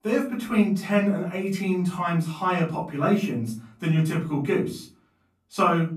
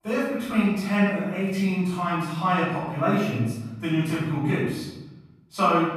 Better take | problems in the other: first | room echo; strong; dies away in 1 s; slight in the first // off-mic speech; far; far in the first

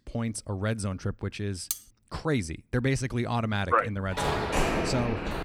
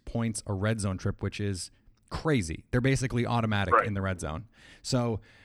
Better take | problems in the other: second | clattering dishes; noticeable; at 1.5 s; peak 4 dB below the speech // phone ringing; loud; from 4 s on; peak 3 dB above the speech

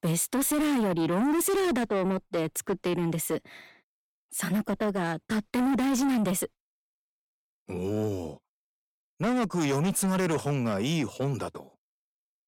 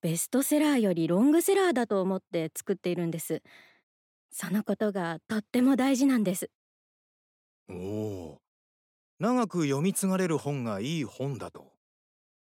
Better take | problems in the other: second | distortion; heavy; 7 dB below the speech

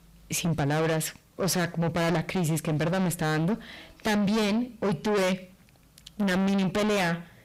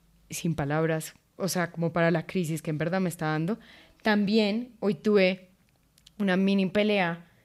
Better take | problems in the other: second | distortion; heavy; 5 dB below the speech

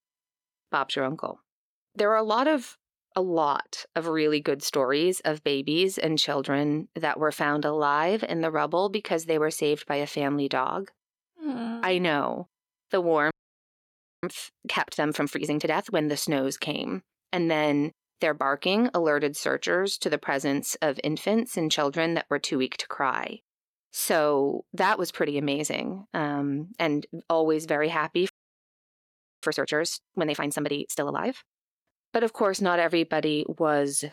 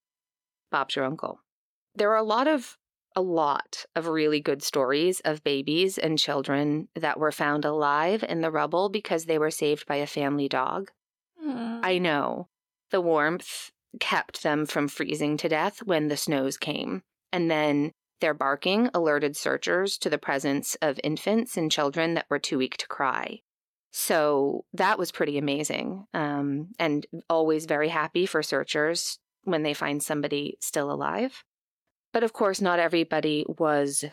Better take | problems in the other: second | audio freezing; at 13 s for 1 s and at 28 s for 1 s

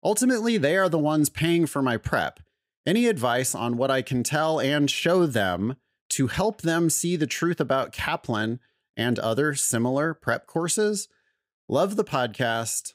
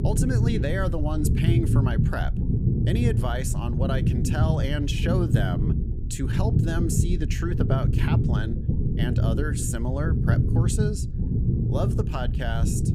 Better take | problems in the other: first | low rumble; loud; throughout; 3 dB below the speech

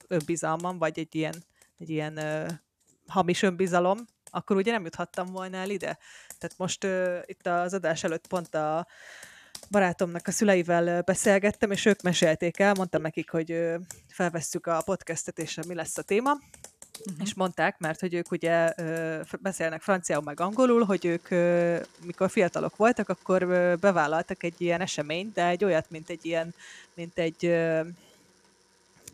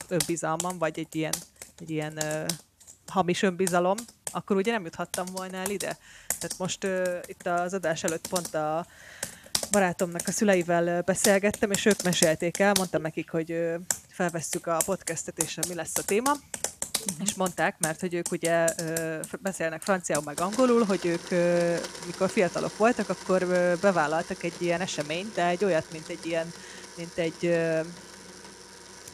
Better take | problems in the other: first | household noises; loud; throughout; 7 dB below the speech; faint in the first

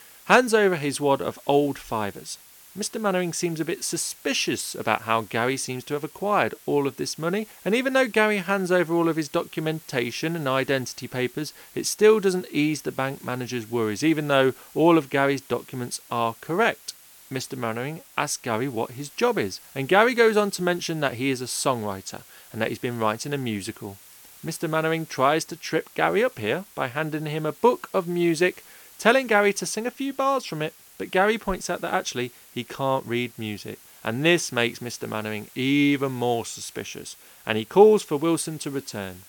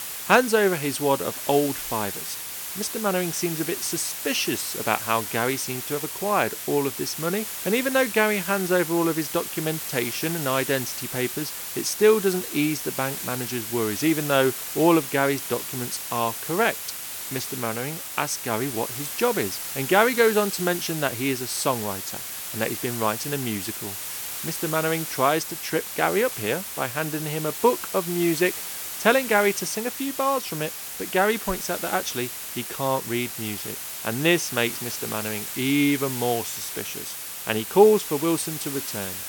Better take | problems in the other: first | hiss; loud; throughout; 6 dB below the speech; faint in the first

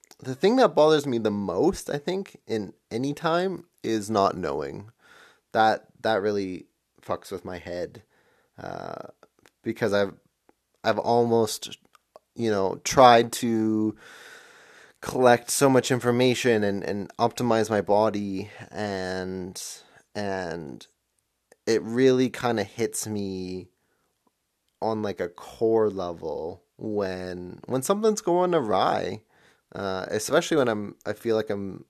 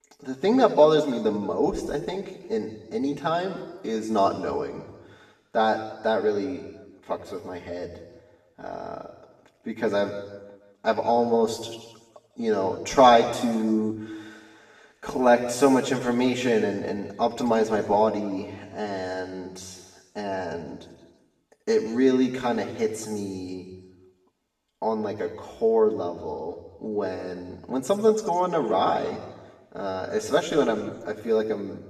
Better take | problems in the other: first | room echo; noticeable; dies away in 1.2 s // off-mic speech; far

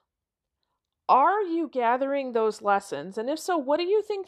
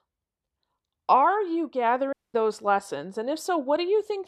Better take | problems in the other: first | audio cutting out; at 2 s

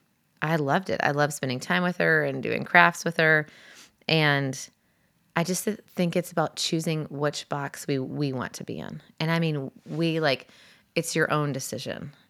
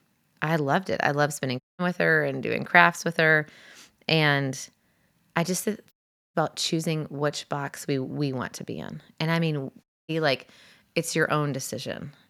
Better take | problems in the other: first | audio cutting out; at 1.5 s, at 6 s and at 10 s

